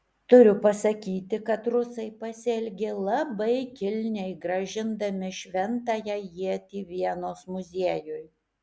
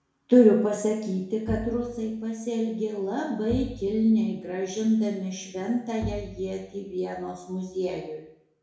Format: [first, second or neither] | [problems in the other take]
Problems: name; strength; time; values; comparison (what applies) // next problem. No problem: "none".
first | background sound (Bowed string instrument); 13 dB below the speech // room echo; dies away in 0.6 s